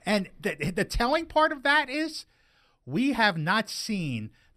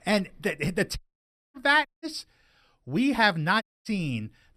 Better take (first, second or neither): first